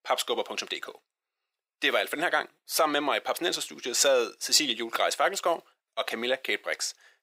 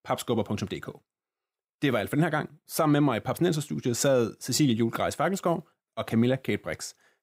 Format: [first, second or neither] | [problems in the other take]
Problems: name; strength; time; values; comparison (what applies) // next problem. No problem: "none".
second | thin; very; fading below 450 Hz